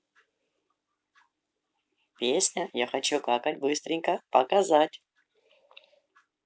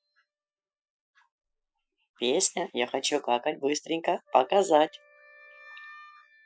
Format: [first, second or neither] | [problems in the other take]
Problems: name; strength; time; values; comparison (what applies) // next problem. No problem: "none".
first | noise reduction (classical method Wiener filter)